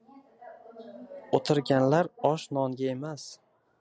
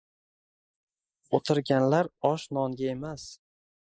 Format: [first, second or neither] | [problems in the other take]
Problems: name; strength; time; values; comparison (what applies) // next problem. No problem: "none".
first | noise reduction (neural mask model Resemble Enhance denoiser)